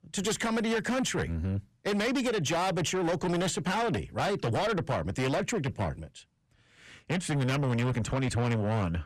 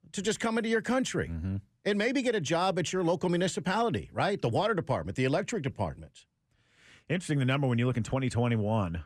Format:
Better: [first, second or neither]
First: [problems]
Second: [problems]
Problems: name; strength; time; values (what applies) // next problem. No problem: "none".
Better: second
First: distortion; heavy; 8 dB below the speech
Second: none